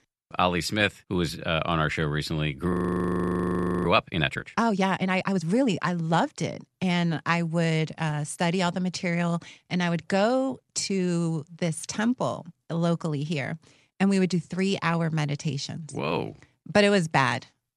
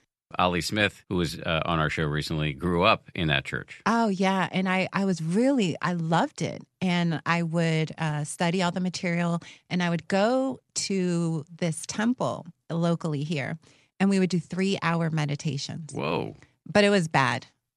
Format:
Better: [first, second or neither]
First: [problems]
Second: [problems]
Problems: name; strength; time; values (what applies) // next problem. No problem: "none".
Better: second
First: audio freezing; at 2.5 s for 1 s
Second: none